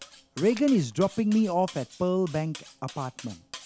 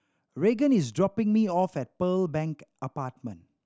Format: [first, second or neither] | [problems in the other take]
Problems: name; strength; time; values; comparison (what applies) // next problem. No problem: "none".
second | background sound (Cutlery, silverware + Splash, splatter); 19 dB below the speech